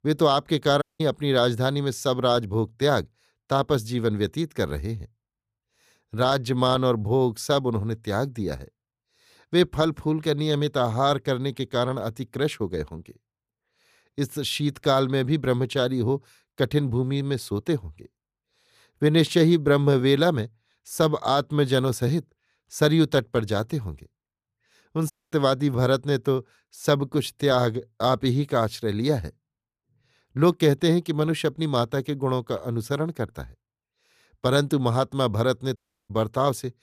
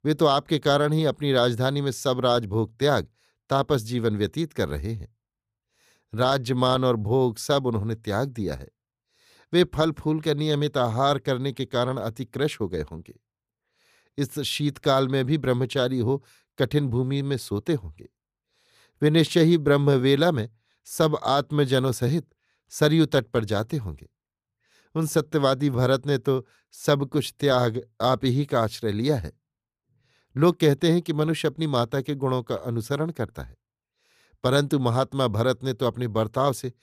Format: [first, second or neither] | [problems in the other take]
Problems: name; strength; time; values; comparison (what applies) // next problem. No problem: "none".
second | audio cutting out; at 1 s, at 25 s and at 36 s